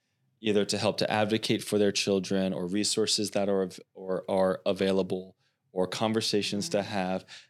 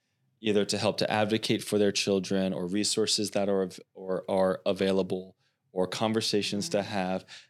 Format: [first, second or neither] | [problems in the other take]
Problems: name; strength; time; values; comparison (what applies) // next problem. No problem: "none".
neither | none